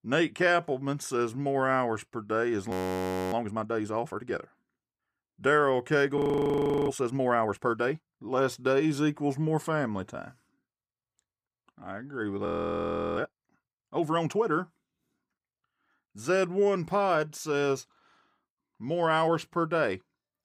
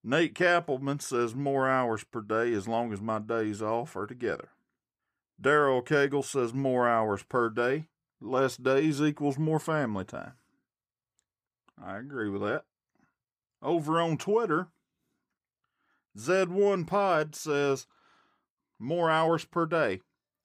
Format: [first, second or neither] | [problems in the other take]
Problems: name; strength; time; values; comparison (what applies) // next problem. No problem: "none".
second | audio freezing; at 2.5 s for 0.5 s, at 6 s for 0.5 s and at 12 s for 0.5 s